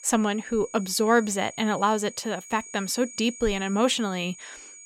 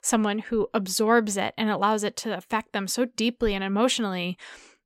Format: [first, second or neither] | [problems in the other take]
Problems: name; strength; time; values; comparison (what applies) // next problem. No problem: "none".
second | high-pitched whine; noticeable; throughout; 6.5 kHz, 15 dB below the speech